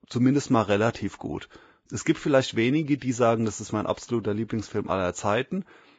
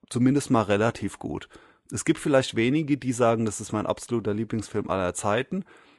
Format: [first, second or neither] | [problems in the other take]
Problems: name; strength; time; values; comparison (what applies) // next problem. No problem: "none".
second | garbled, watery; badly; nothing above 7.5 kHz; slightly in the second